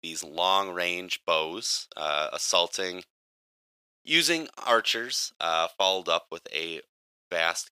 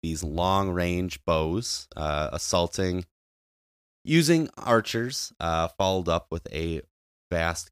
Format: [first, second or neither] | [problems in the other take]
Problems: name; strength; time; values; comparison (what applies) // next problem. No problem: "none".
second | thin; very; fading below 550 Hz